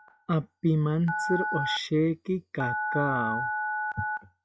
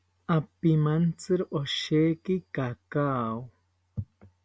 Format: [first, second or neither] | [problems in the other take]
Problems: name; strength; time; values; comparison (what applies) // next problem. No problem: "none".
second | noise reduction (classical method log-MMSE)